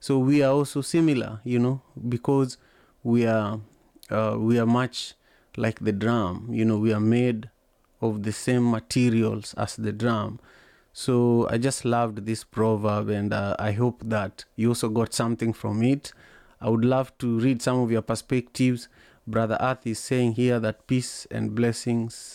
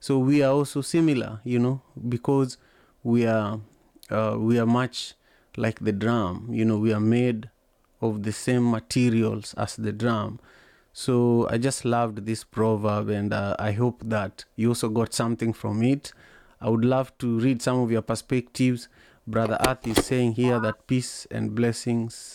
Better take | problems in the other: first | phone ringing; noticeable; from 19 to 21 s; peak 1 dB below the speech

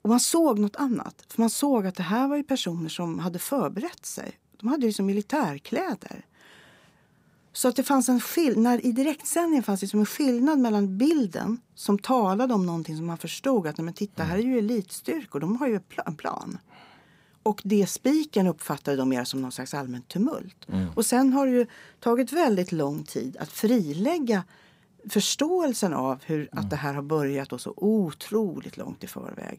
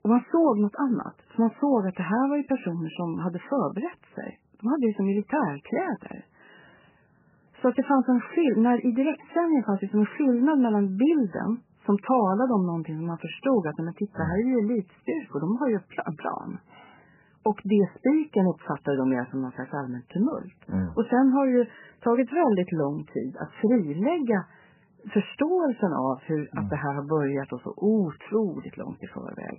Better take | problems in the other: first | garbled, watery; badly; nothing above 3 kHz

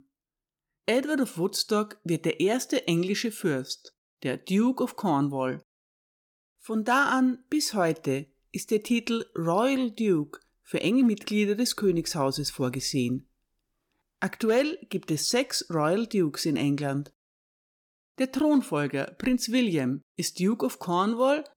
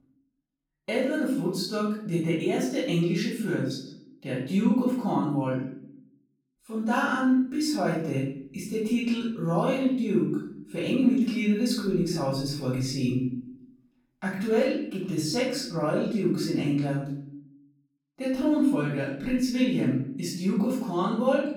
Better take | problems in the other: first | off-mic speech; far // room echo; noticeable; dies away in 0.7 s

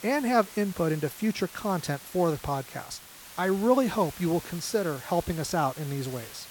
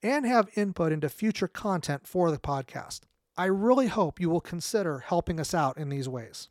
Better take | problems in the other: second | hiss; noticeable; throughout; 15 dB below the speech

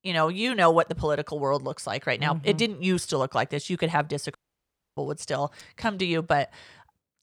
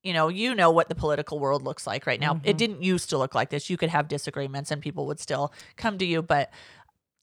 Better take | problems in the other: second | audio cutting out; at 4.5 s for 0.5 s

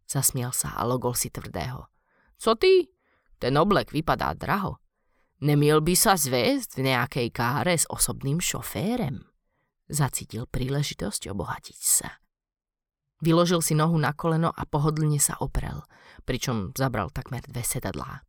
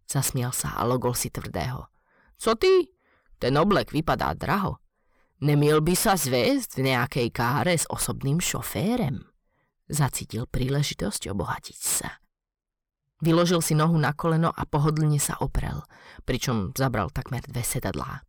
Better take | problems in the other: first | distortion; slight; 10 dB below the speech

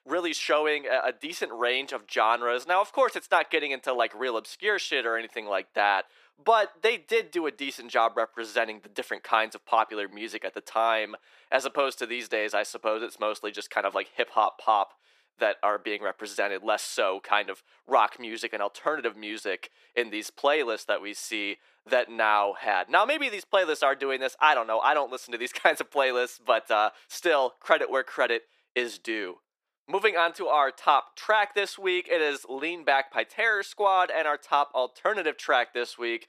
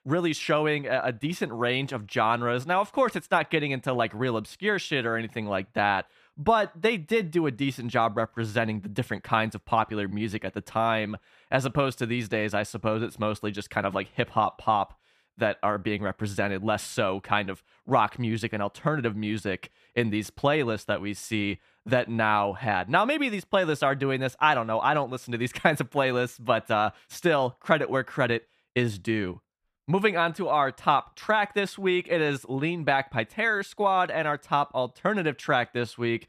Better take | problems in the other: second | thin; very; fading below 400 Hz

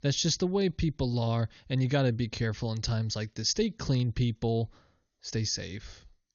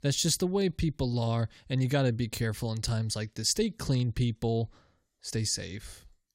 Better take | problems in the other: second | garbled, watery; slightly; nothing above 6.5 kHz

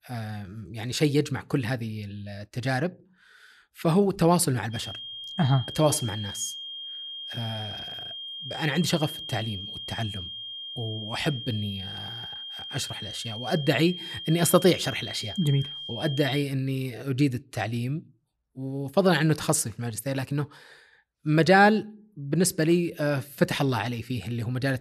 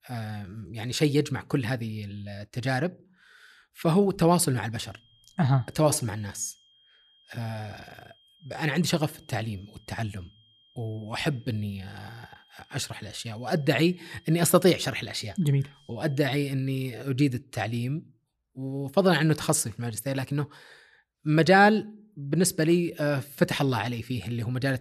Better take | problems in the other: second | high-pitched whine; loud; from 4.5 to 16 s; 3 kHz, 9 dB below the speech; faint in the second

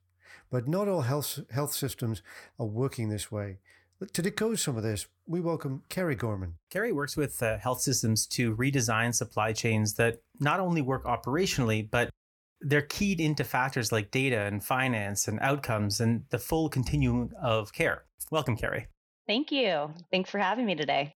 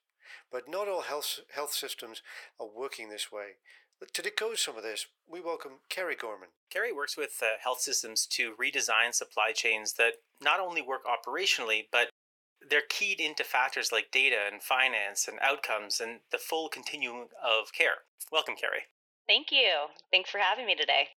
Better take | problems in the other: first | thin; very; fading below 450 Hz

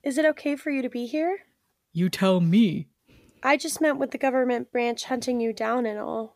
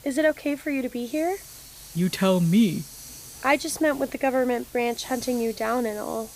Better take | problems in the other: first | hiss; noticeable; throughout; 15 dB below the speech

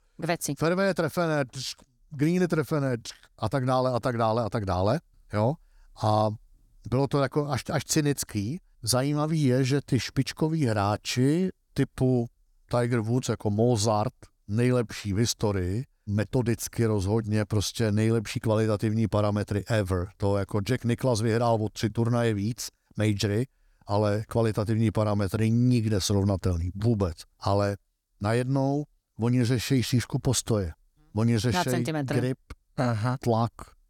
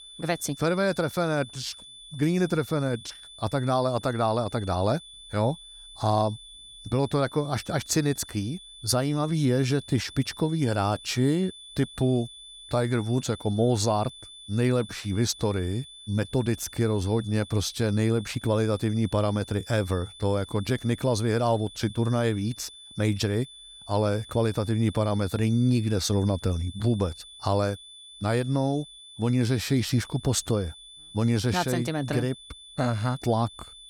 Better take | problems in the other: first | high-pitched whine; noticeable; throughout; 3.5 kHz, 15 dB below the speech

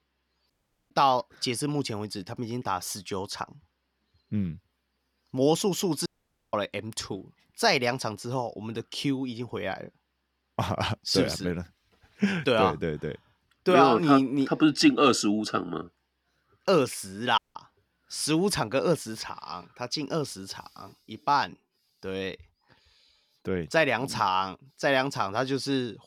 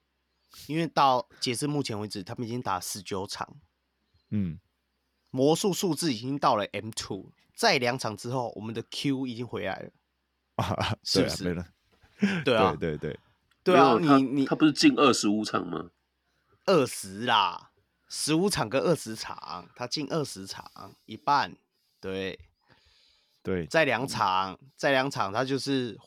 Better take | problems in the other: second | audio cutting out; at 0.5 s, at 6 s and at 17 s

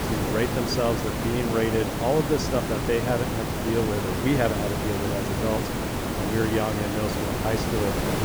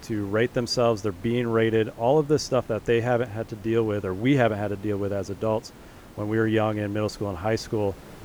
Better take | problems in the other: second | hiss; loud; throughout; as loud as the speech; faint in the second

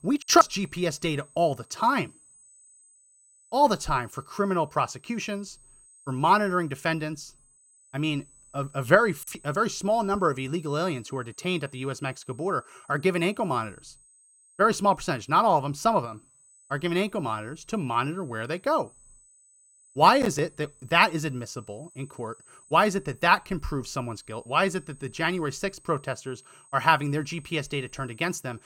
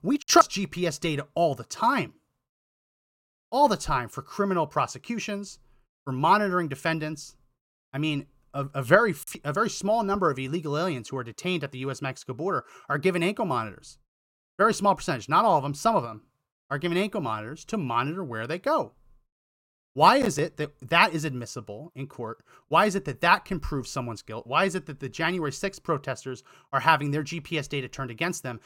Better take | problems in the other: second | high-pitched whine; faint; throughout; 8 kHz, 30 dB below the speech

